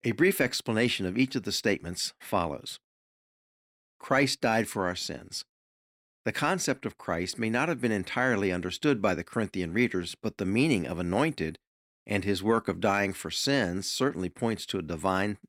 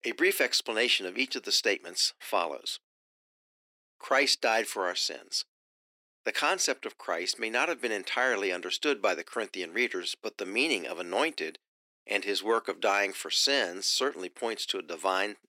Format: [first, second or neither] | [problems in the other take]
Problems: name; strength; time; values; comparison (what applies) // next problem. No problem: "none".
first | thin; somewhat; fading below 350 Hz